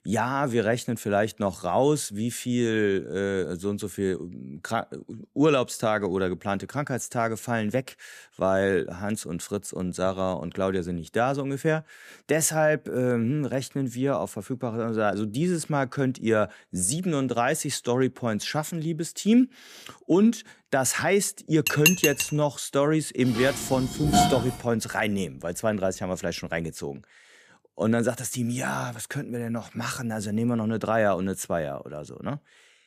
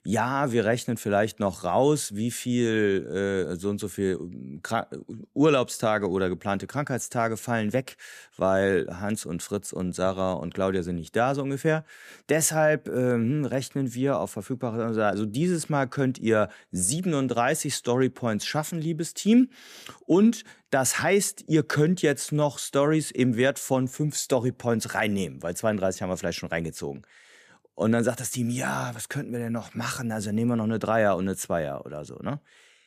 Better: second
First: clattering dishes; loud; at 22 s and from 23 to 25 s; peak 6 dB above the speech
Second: none

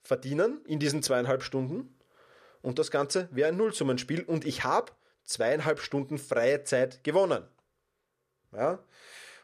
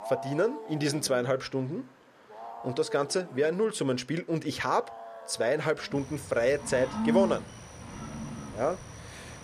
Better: first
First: none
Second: animal sounds; loud; throughout; 9 dB below the speech

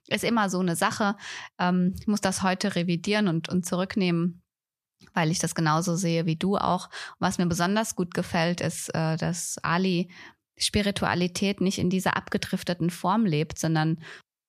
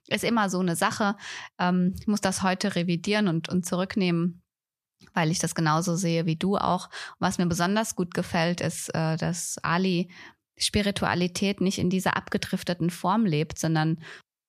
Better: neither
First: none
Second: none

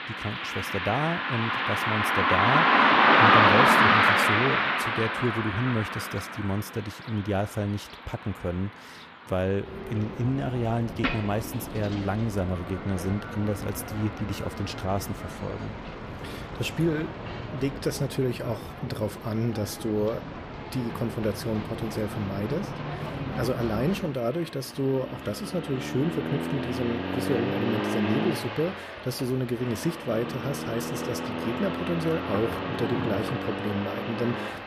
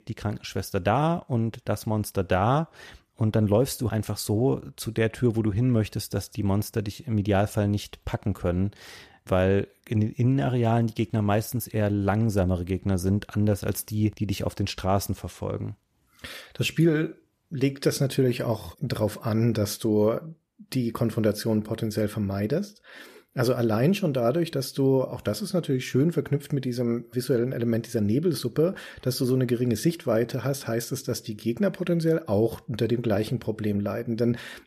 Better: second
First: traffic noise; very loud; throughout; 4 dB above the speech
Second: none

